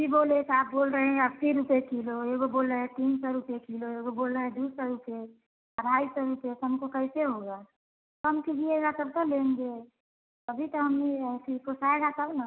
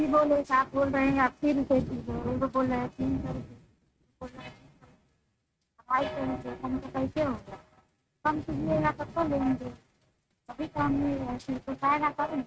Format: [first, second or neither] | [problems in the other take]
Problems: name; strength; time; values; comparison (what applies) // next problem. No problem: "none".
first | noise reduction (neural mask model RNNoise)